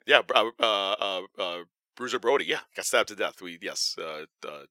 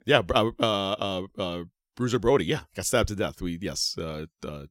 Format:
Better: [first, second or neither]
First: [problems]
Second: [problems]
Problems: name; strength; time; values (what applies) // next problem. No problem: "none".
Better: second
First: thin; somewhat; fading below 500 Hz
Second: none